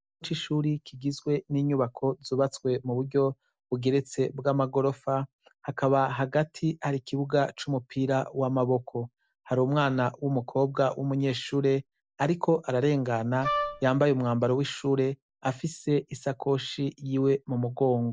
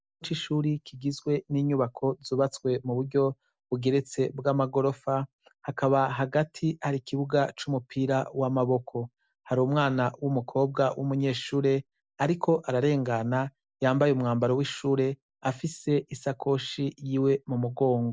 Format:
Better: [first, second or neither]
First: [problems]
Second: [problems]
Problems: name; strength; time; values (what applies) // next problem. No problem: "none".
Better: second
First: background sound (Wind instrument, woodwind instrument); 3 dB below the speech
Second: none